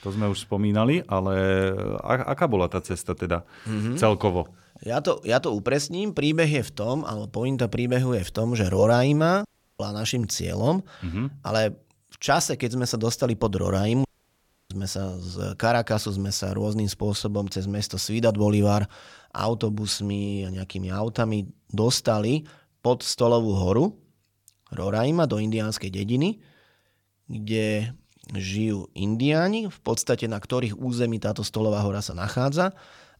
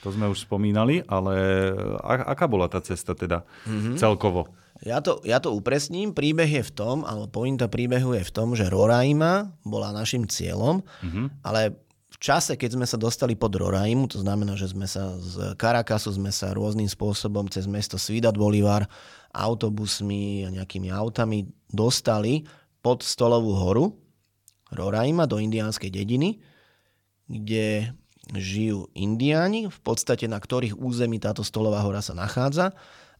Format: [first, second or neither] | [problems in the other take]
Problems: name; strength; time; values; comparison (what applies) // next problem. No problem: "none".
second | audio cutting out; at 9.5 s and at 14 s for 0.5 s